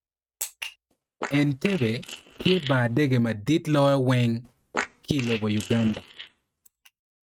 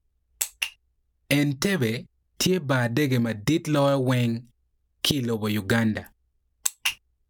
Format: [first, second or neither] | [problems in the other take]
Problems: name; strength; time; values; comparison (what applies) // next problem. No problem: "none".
second | noise reduction (neural mask model RNNoise)